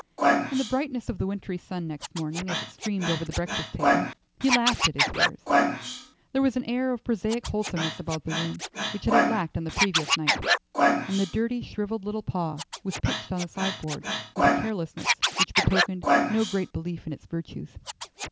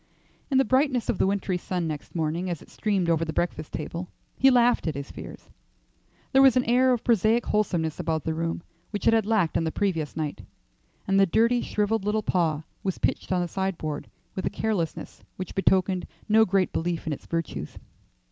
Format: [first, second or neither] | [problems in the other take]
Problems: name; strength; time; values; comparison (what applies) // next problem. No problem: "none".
second | background sound (Scratching (performance technique)); 2 dB above the speech